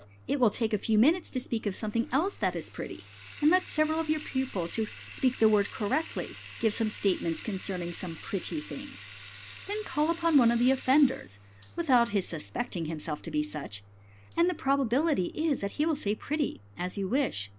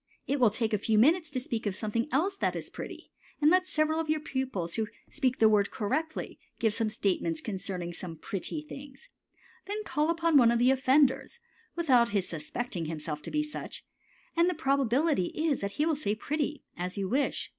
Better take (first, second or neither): second